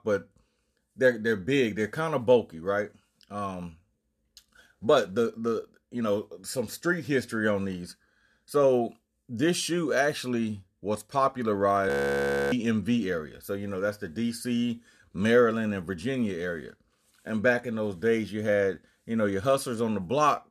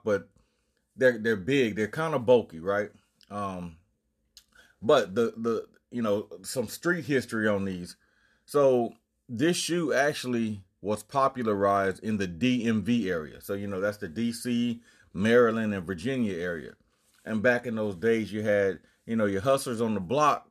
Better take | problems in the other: second | audio freezing; at 12 s for 0.5 s

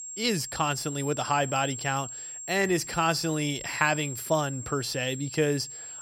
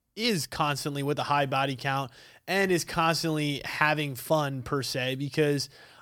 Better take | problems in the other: second | high-pitched whine; loud; throughout; 7.5 kHz, 9 dB below the speech

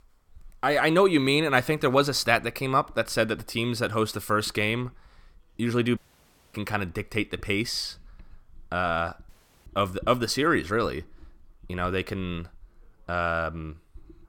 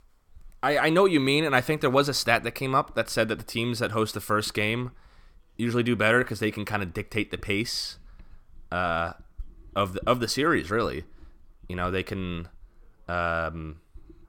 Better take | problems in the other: second | audio cutting out; at 6 s for 0.5 s and at 9.5 s

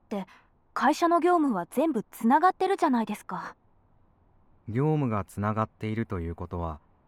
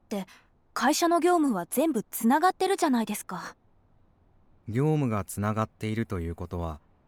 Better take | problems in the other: second | muffled; slightly; fading above 4 kHz

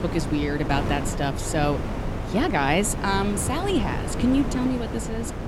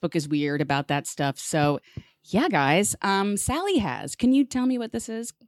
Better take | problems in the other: second | wind noise on the microphone; heavy; 7 dB below the speech

